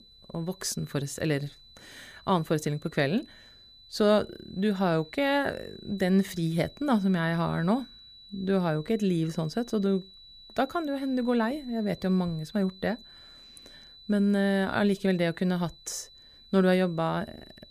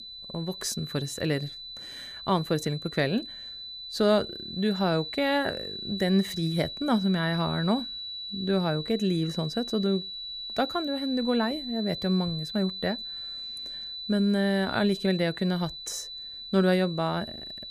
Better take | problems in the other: first | high-pitched whine; loud; throughout; 4 kHz, 8 dB below the speech; faint in the first

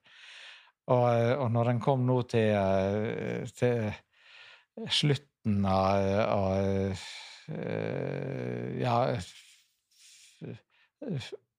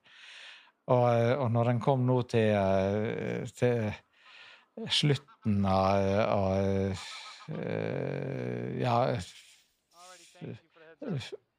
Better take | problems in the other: first | animal sounds; faint; throughout; 30 dB below the speech

